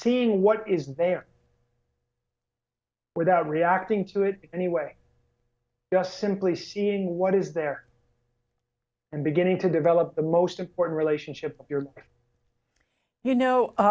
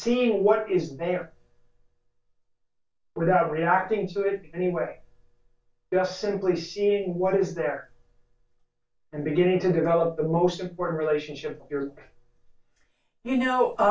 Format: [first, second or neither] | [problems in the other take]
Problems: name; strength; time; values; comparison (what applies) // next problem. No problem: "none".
first | room echo; dies away in 0.1 s